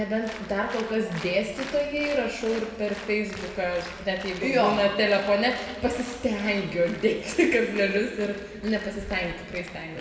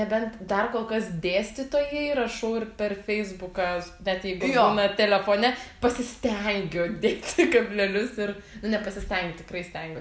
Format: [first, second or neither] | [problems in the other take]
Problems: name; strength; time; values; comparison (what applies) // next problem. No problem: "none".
second | background sound (Applause); 17 dB below the speech // room echo; dies away in 1.9 s